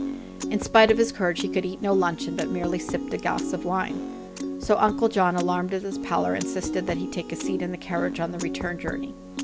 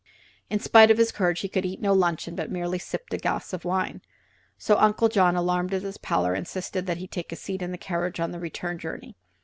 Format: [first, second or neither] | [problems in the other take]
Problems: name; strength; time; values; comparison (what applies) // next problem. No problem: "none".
second | background sound (Piano); 6 dB below the speech